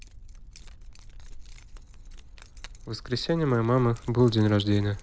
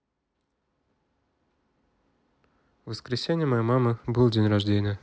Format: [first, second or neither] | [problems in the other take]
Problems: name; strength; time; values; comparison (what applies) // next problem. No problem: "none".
second | background sound (Keys jangling); 16 dB below the speech